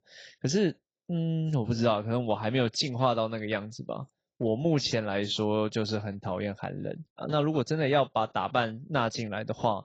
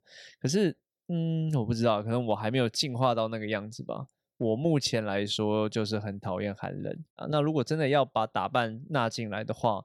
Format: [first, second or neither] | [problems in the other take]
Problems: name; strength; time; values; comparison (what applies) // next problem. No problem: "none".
second | garbled, watery; badly